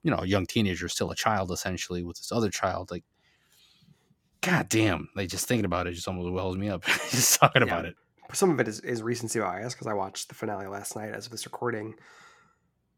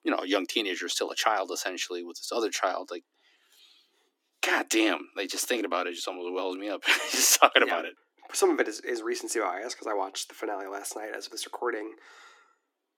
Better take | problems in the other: first | thin; somewhat; fading below 250 Hz

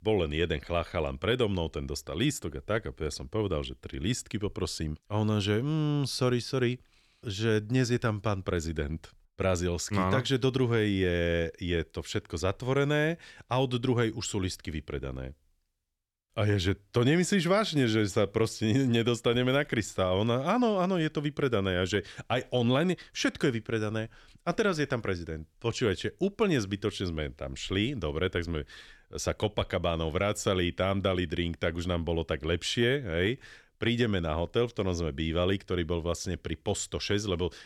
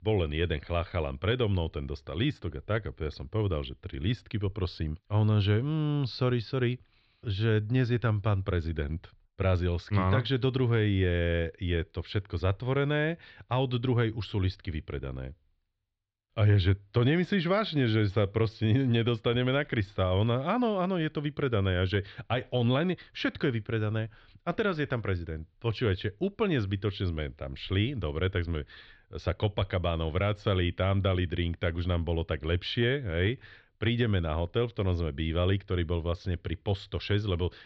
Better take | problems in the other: first | muffled; slightly; fading above 4 kHz

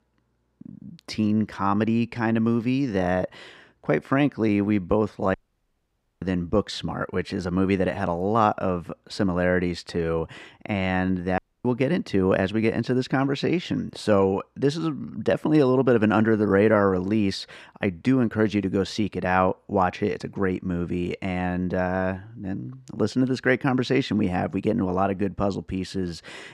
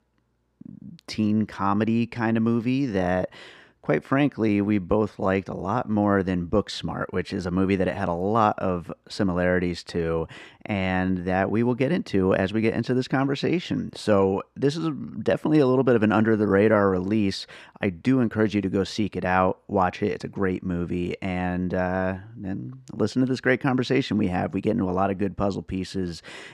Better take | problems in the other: second | audio cutting out; at 5.5 s for 1 s and at 11 s

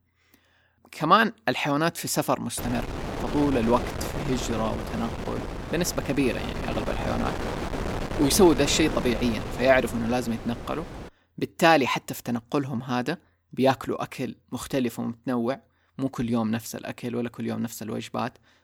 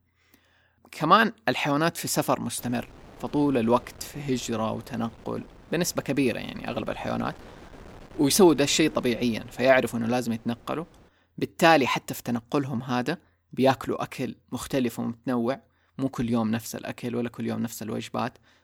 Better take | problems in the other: second | wind noise on the microphone; heavy; from 2.5 to 11 s; 8 dB below the speech; occasional gusts in the second

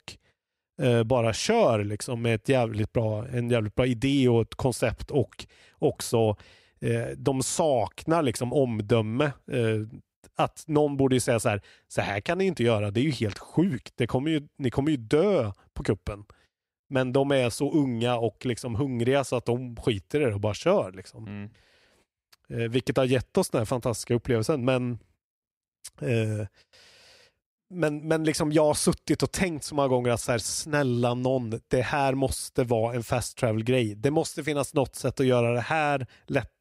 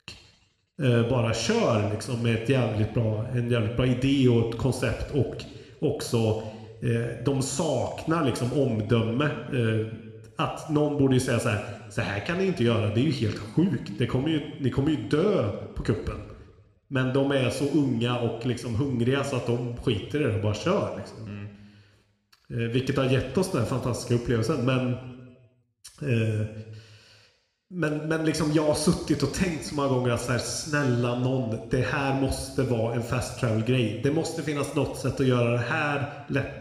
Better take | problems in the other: first | room echo; slight; dies away in 1.1 s

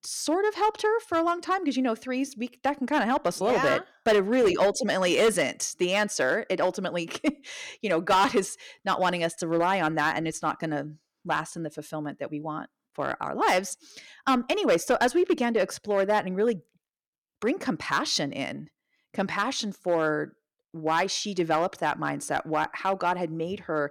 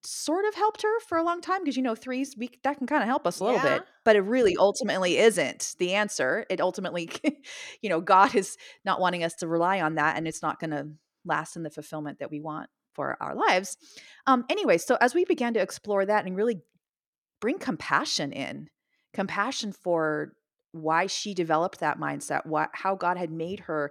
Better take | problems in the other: second | distortion; slight; 3% of the sound clipped

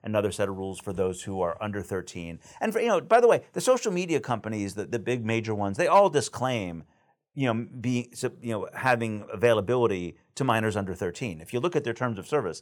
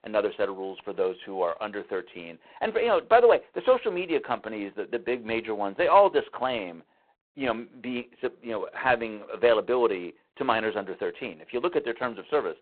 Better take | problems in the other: first | phone-call audio; poor line; nothing above 4 kHz

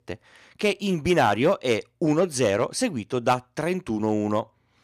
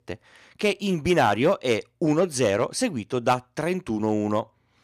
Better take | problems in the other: neither | none

